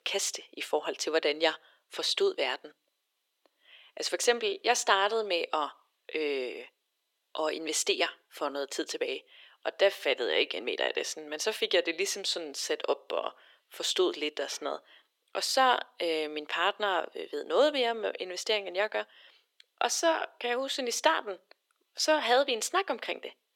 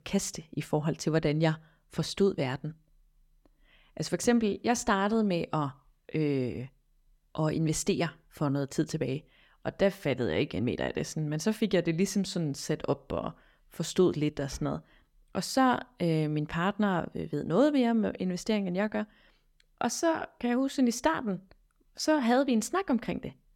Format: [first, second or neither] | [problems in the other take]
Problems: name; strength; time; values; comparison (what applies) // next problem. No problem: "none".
second | thin; very; fading below 400 Hz